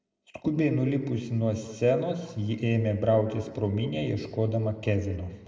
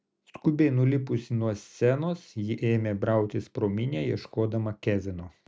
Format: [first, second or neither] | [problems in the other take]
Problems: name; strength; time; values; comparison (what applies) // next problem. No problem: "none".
second | room echo; dies away in 1.3 s